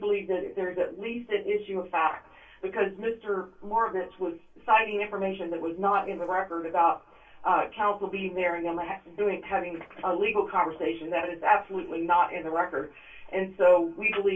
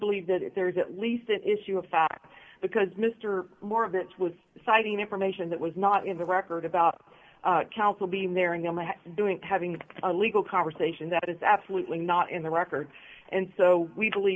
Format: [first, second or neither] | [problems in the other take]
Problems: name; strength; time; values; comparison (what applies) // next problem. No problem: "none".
second | room echo; dies away in 0.1 s